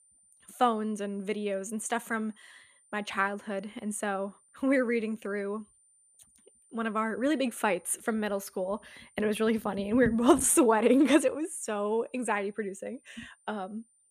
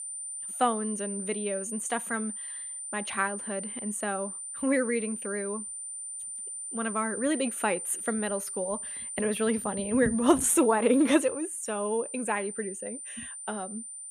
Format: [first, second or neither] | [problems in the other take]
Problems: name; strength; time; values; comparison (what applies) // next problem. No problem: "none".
first | high-pitched whine; loud; throughout; 9 kHz, 6 dB below the speech; faint in the first